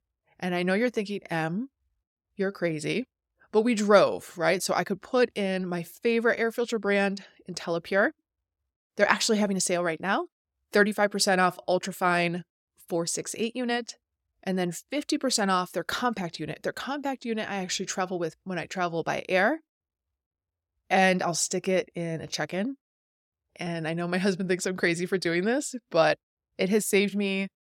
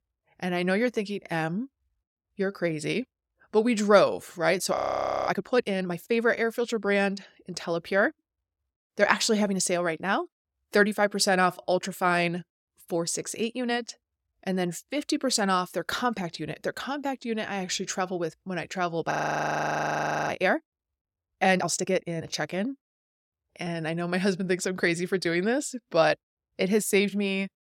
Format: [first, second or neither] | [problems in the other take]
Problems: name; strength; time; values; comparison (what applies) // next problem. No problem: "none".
first | audio freezing; at 5 s for 0.5 s and at 19 s for 1 s